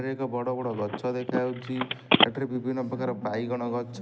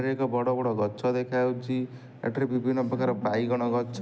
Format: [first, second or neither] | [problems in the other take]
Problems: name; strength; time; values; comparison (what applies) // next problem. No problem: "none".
second | background sound (Telephone); 2 dB above the speech